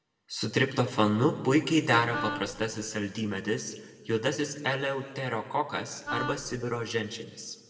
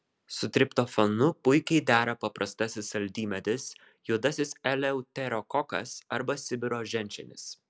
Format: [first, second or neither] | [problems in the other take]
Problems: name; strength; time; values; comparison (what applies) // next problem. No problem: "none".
second | background sound (Wind instrument, woodwind instrument); 8 dB below the speech // room echo; dies away in 1.5 s